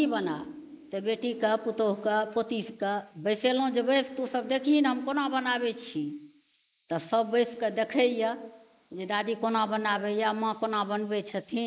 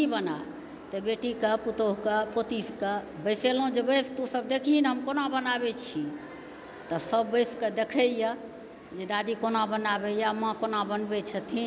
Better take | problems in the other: second | noise reduction (neural mask model Resemble Enhance denoiser)

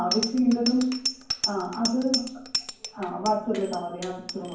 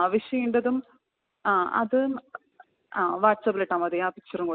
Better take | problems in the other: second | background sound (Bicycle bell); 6 dB below the speech // room echo; dies away in 0.9 s

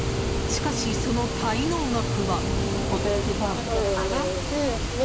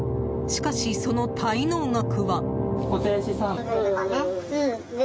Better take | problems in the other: second | background sound (Water); 3 dB below the speech

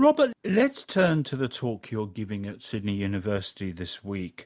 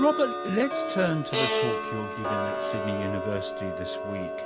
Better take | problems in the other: first | background sound (Tick-tock + Bowed string instrument); 1 dB below the speech

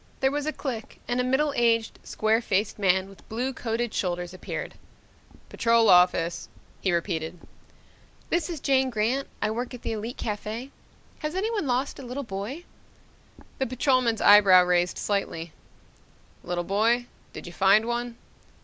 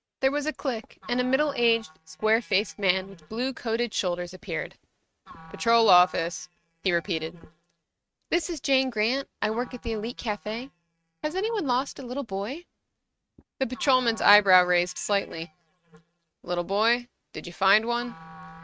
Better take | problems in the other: first | noise reduction (neural mask model RNNoise)

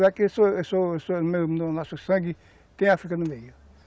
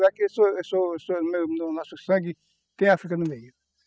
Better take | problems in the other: first | noise reduction (classical method spectral subtraction)

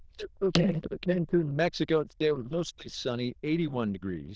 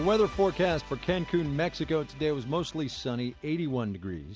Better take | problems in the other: second | noise reduction (neural diffusion model UNIVERSE++)

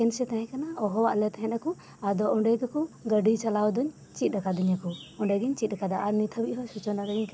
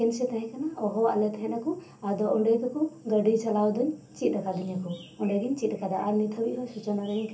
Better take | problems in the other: first | room echo; dies away in 0.3 s

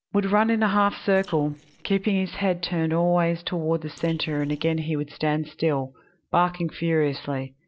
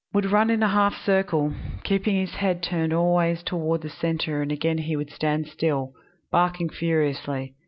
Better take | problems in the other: second | noise reduction (neural separator model SepFormer DNS4)

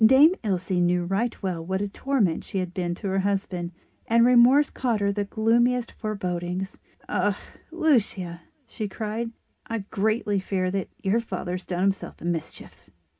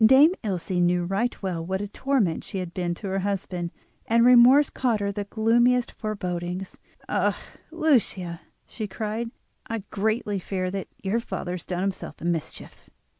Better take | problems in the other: second | room echo; dies away in 0.3 s

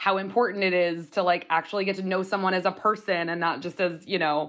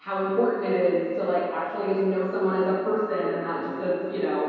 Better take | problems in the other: first | room echo; dies away in 2.2 s

